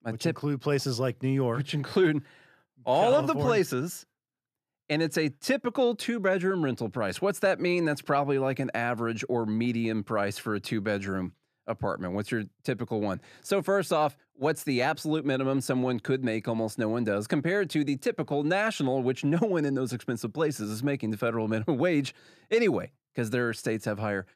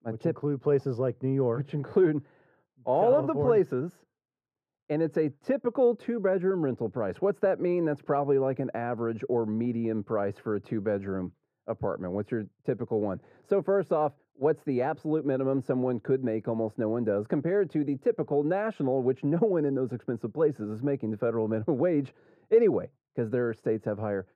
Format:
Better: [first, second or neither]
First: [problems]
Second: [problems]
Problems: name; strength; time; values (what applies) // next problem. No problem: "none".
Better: first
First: none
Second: muffled; very; fading above 2 kHz